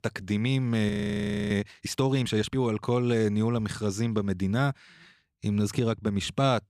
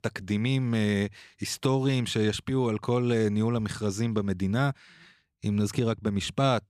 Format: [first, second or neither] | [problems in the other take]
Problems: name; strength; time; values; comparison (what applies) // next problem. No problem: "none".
second | audio freezing; at 1 s for 0.5 s